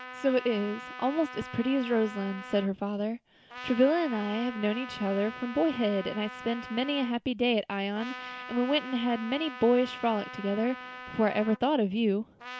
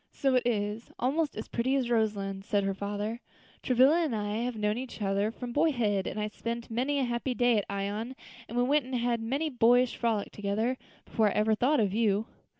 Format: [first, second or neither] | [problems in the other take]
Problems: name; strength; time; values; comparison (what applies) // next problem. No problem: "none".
second | background sound (Trumpet); 14 dB below the speech